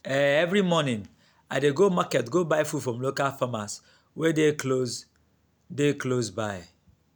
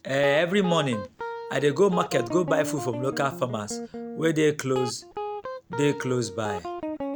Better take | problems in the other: first | background sound (Guitar); 8 dB below the speech

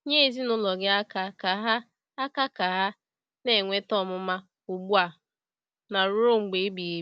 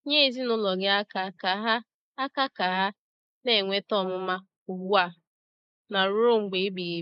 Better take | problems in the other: first | noise reduction (neural mask model Resemble Enhance denoiser)

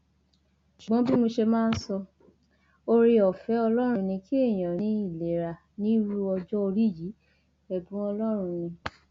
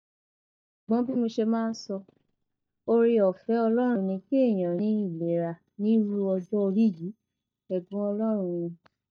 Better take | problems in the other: first | noise reduction (neural mask model DeepFilterNet 3)

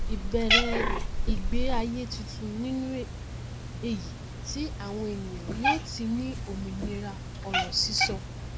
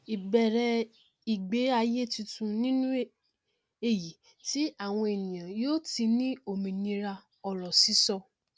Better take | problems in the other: second | background sound (Cat); 3 dB above the speech

